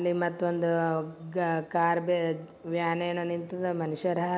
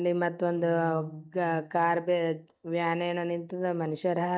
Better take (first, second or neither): first